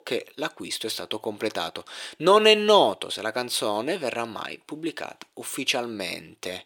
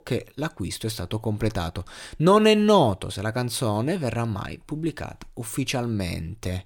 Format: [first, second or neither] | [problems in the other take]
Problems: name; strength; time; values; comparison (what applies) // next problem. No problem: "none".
second | thin; somewhat; fading below 400 Hz